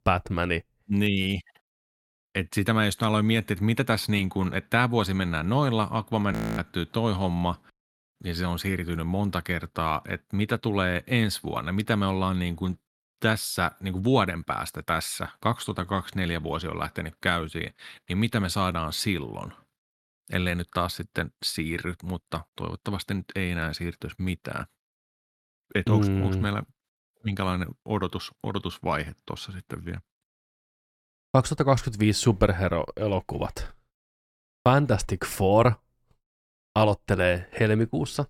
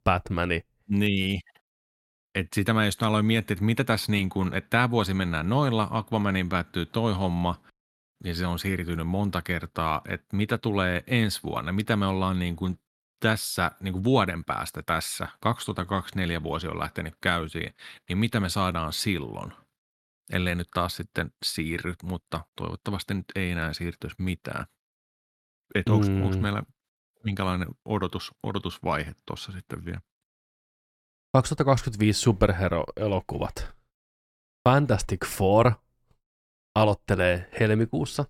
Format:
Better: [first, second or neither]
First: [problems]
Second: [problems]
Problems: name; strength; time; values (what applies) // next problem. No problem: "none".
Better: second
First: audio freezing; at 6.5 s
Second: none